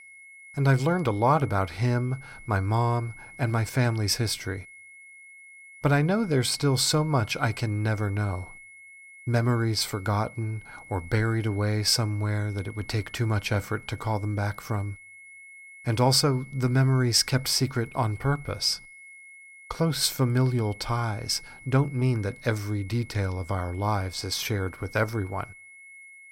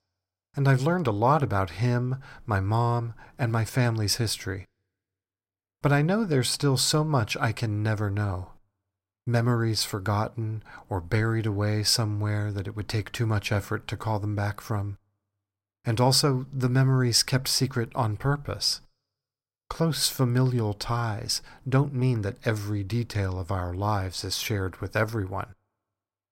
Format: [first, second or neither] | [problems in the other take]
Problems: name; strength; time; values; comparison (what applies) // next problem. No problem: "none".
second | high-pitched whine; noticeable; throughout; 2 kHz, 20 dB below the speech